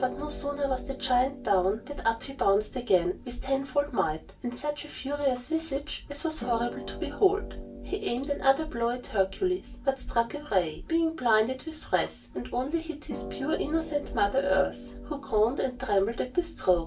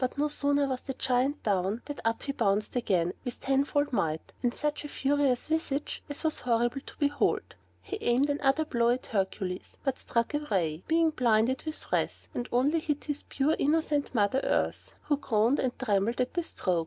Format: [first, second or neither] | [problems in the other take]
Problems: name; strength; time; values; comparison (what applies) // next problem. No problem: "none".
second | background sound (Harp); 12 dB below the speech // room echo; dies away in 0.2 s